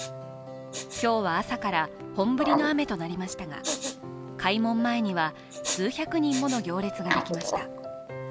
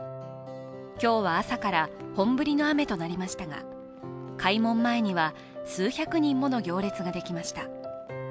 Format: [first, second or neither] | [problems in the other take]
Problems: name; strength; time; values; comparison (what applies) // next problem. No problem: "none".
second | background sound (Respiratory sounds); 7 dB below the speech